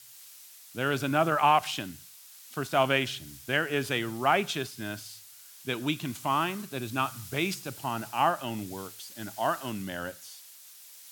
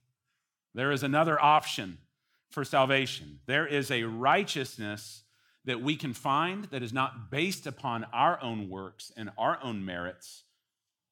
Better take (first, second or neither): second